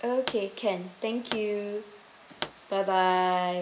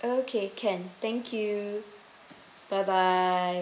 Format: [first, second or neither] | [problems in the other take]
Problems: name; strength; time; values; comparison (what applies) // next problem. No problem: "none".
second | background sound (Explosion); 13 dB below the speech